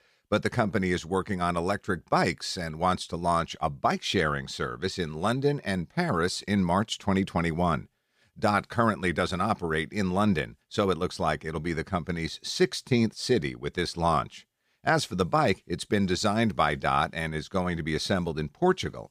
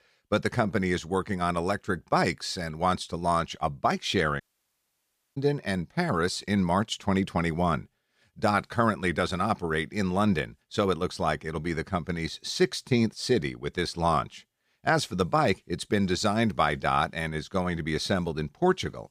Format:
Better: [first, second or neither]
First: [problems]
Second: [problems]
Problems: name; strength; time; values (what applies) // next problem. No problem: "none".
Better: first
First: none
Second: audio cutting out; at 4.5 s for 1 s